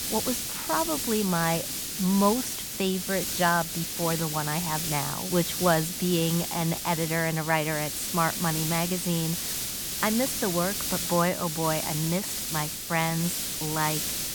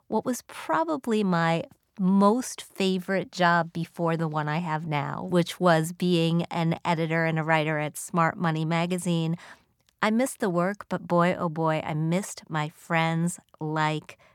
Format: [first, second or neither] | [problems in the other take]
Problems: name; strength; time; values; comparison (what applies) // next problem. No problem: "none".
second | hiss; loud; throughout; 1 dB below the speech